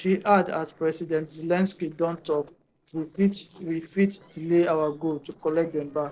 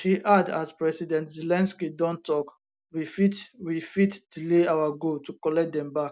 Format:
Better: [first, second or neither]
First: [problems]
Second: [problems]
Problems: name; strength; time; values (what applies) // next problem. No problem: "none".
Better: second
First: noise reduction (neural separator model SepFormer DNS4)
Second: none